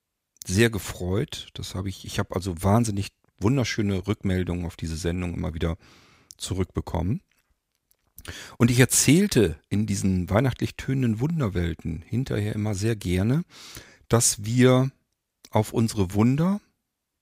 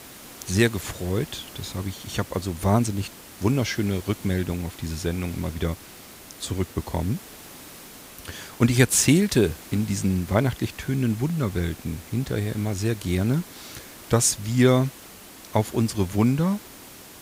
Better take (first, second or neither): first